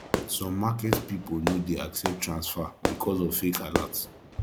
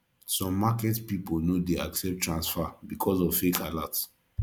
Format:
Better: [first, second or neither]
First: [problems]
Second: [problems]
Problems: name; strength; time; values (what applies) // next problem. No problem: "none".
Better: second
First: background sound (Fireworks); 3 dB below the speech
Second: none